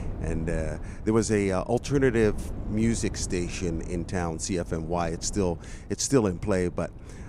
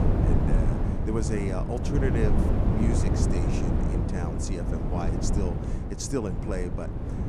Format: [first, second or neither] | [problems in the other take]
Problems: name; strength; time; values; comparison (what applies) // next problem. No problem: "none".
first | wind noise on the microphone; heavy; 1 dB above the speech; occasional gusts in the first